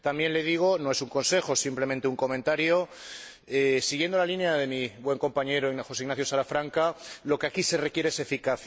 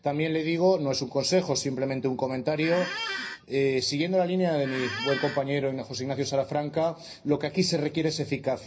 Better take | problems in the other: first | background sound (Squeak); 8 dB below the speech // room echo; dies away in 0.4 s

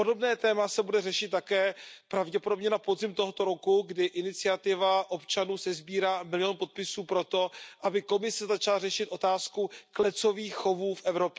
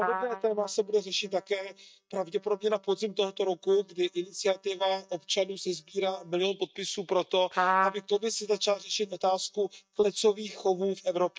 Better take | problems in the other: first | noise reduction (neural mask model DeepFilterNet 3)

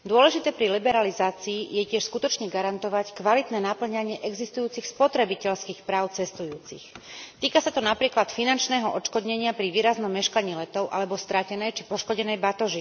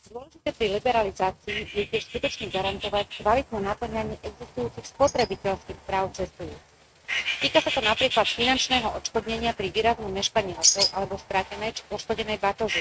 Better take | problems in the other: first | noise reduction (neural mask model RNNoise)

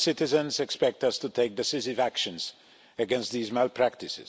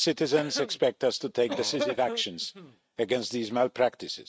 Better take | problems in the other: first | noise reduction (neural mask model RNNoise)

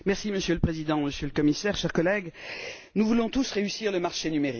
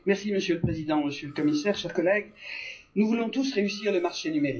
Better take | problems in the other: first | noise reduction (classical method WPE with log-MMSE)

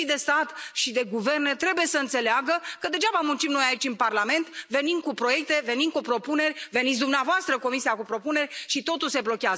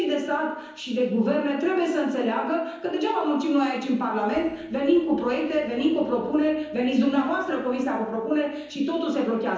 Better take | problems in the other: first | noise reduction (neural separator model SepFormer DNS4)

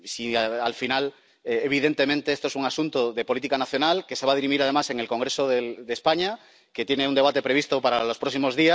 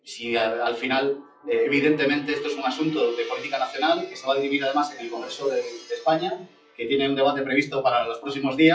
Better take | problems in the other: first | noise reduction (classical method WPE with log-MMSE)

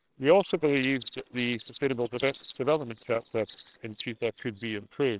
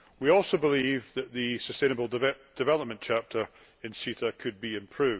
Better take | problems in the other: second | noise reduction (neural separator model SepFormer WHAMR!)

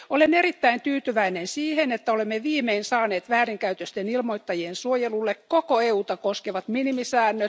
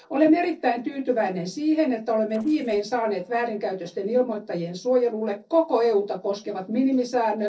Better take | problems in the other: first | noise reduction (neural separator model SepFormer DNS4)

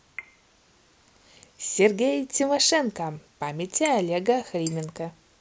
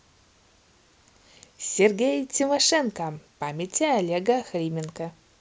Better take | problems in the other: second | noise reduction (neural mask model Resemble Enhance denoiser)

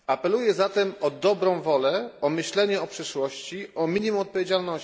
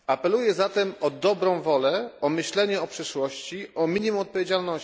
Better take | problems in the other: second | room echo; dies away in 0.3 s

